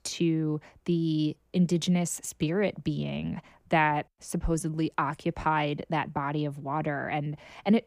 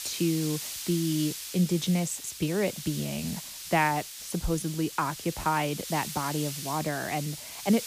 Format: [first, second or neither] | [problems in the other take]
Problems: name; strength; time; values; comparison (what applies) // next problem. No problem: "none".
first | hiss; loud; throughout; 7 dB below the speech